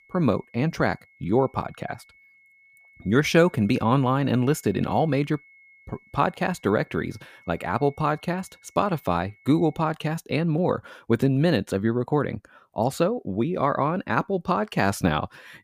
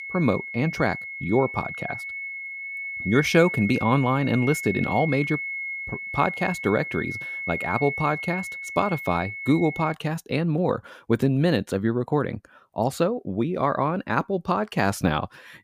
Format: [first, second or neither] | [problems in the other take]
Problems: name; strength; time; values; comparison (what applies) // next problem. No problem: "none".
first | high-pitched whine; loud; until 10 s; 2 kHz, 6 dB below the speech; faint in the first